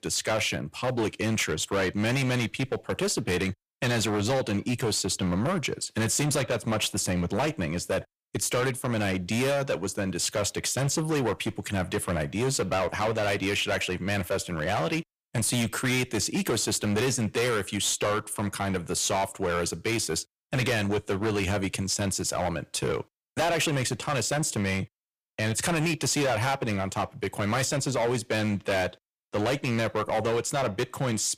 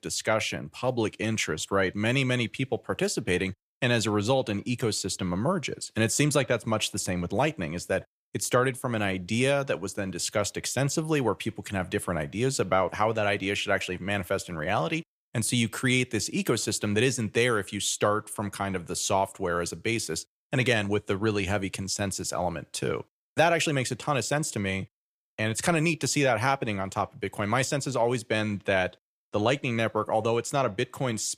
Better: second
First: distortion; heavy; 15% of the sound clipped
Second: none

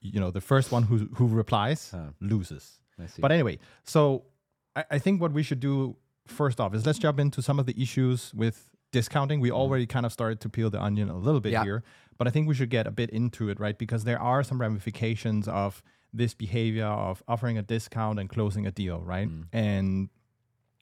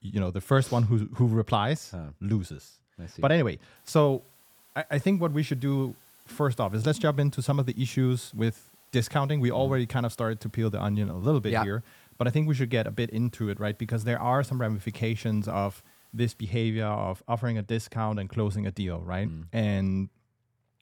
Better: first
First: none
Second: hiss; faint; from 4 to 16 s; 30 dB below the speech

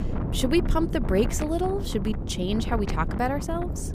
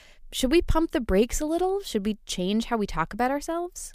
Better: second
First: wind noise on the microphone; heavy; 9 dB below the speech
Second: none

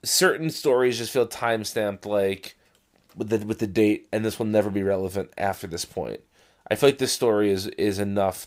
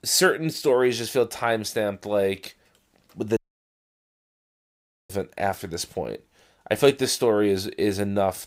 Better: first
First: none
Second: audio cutting out; at 3.5 s for 1.5 s

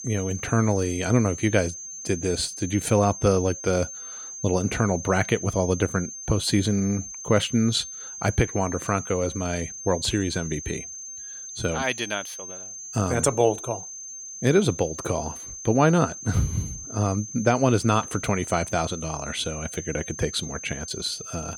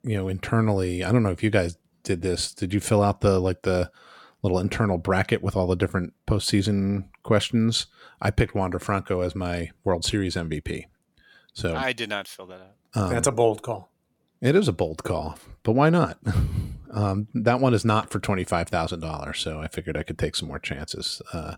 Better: second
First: high-pitched whine; loud; throughout; 6.5 kHz, 10 dB below the speech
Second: none

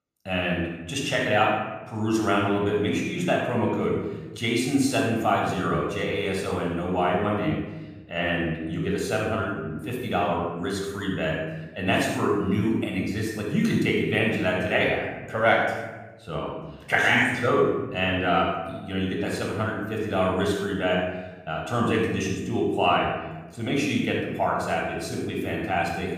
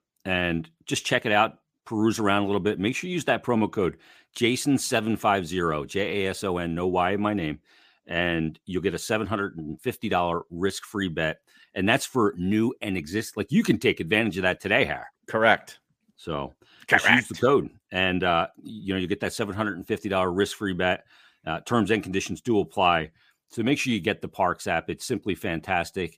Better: second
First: off-mic speech; somewhat distant // room echo; noticeable; dies away in 1 s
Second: none

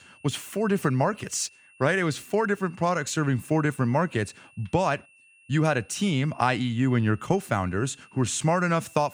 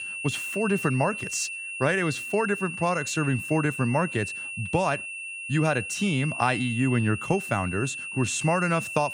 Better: first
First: high-pitched whine; faint; throughout; 2.5 kHz, 30 dB below the speech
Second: high-pitched whine; loud; throughout; 2.5 kHz, 6 dB below the speech

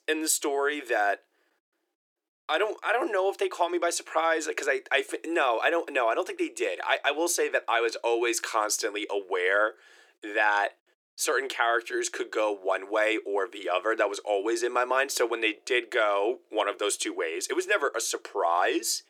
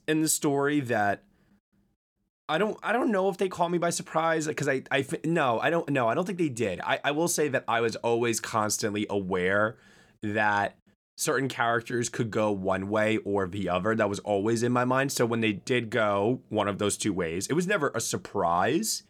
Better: second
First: thin; very; fading below 350 Hz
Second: none

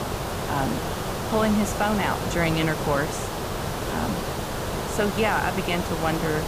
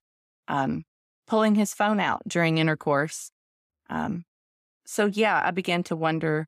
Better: second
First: hiss; loud; throughout; 3 dB below the speech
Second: none

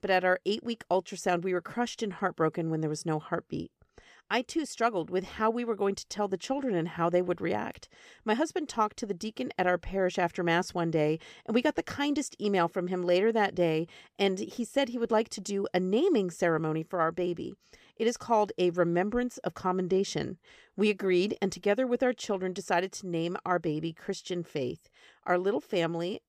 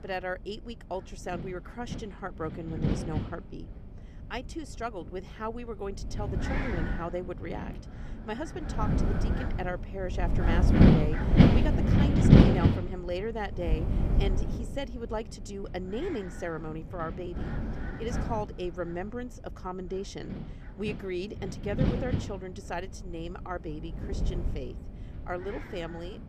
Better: first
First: none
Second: wind noise on the microphone; heavy; 3 dB above the speech

